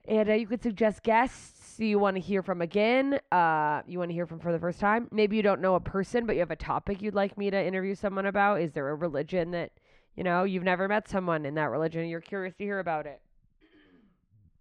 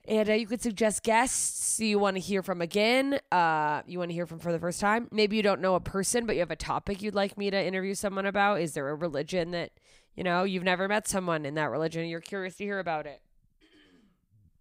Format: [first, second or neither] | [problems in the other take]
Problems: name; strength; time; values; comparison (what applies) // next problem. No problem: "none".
second | muffled; very; fading above 2 kHz